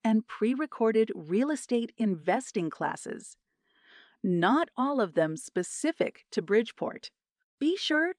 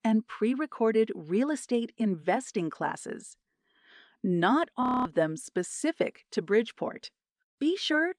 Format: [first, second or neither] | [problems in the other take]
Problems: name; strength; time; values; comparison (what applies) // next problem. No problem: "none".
first | audio freezing; at 5 s